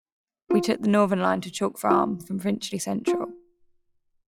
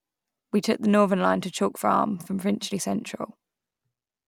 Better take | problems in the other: second | noise reduction (classical method log-MMSE)

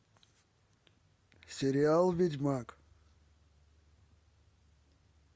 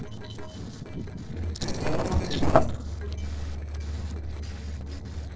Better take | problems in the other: first | noise reduction (neural separator model SepFormer DNS4)

